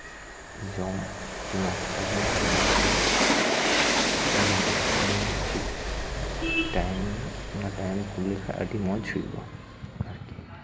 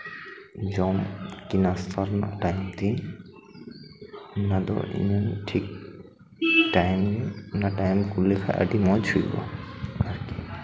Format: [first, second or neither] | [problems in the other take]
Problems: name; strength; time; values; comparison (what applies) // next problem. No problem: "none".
second | background sound (Train); 5 dB above the speech